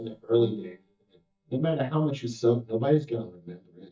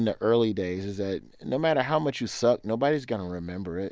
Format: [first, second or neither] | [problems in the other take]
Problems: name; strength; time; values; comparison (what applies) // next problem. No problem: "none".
second | noise reduction (neural mask model DeepFilterNet 3)